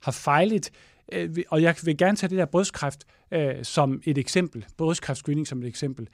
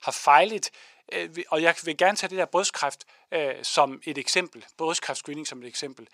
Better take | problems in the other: first | thin; very; fading below 500 Hz

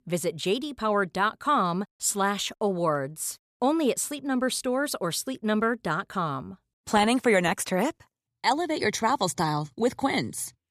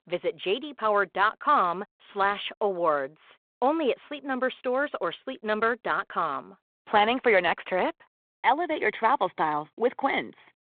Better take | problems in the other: first | phone-call audio

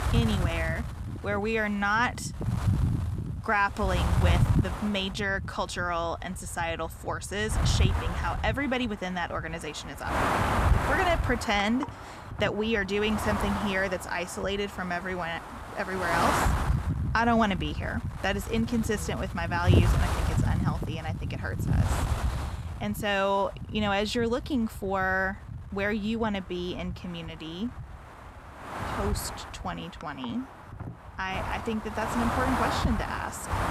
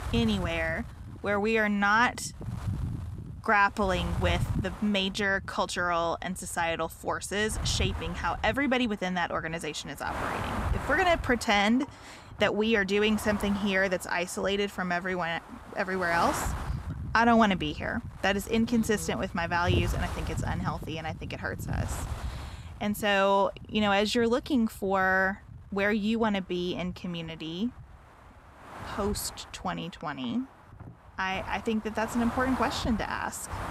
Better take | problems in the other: second | wind noise on the microphone; heavy; 4 dB below the speech; occasional gusts in the second

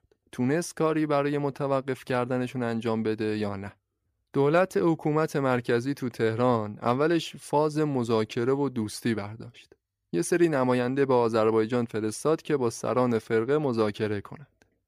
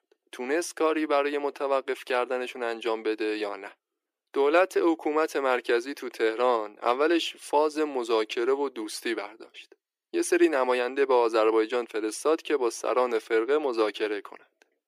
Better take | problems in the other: first | thin; somewhat; fading below 350 Hz

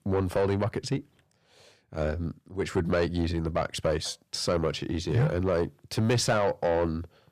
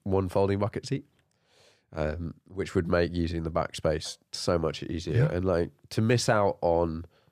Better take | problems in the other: second | distortion; slight; 10 dB below the speech

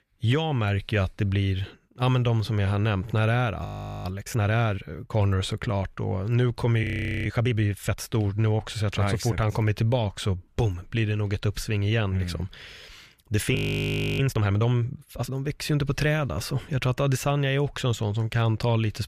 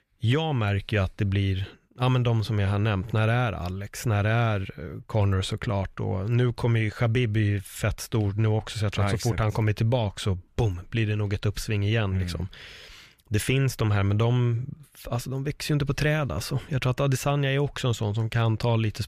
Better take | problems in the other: second | audio freezing; at 3.5 s, at 7 s and at 14 s for 0.5 s

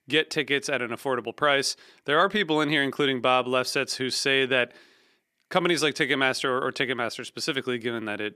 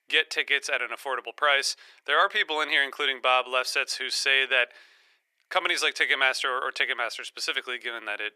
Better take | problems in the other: first | thin; very; fading below 550 Hz

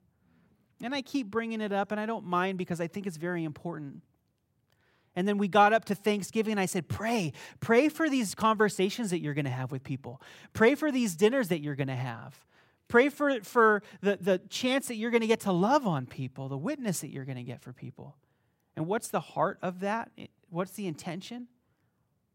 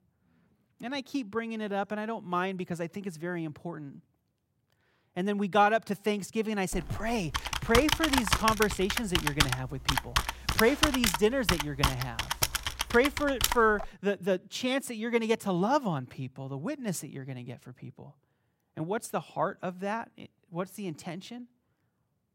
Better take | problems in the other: first | keyboard typing; loud; from 6.5 to 14 s; peak 4 dB above the speech

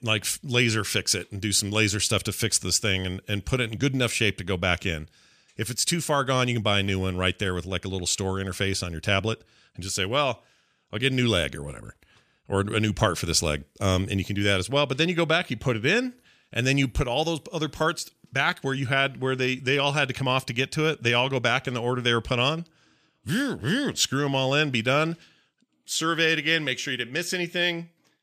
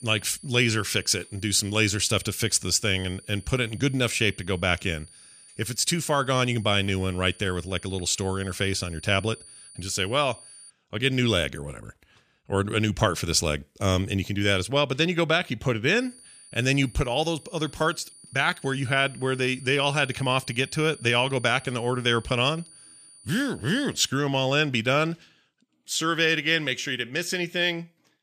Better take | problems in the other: first | high-pitched whine; faint; until 11 s and from 16 to 24 s; 9.5 kHz, 20 dB below the speech

